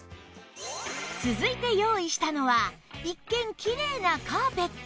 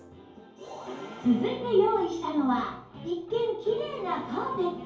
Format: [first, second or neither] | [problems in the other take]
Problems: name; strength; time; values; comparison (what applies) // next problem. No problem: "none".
first | room echo; dies away in 2.4 s